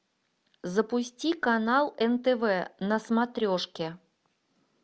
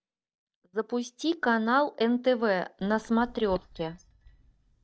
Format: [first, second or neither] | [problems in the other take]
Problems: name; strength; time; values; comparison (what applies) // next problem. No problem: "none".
first | noise reduction (neural mask model DeepFilterNet 3)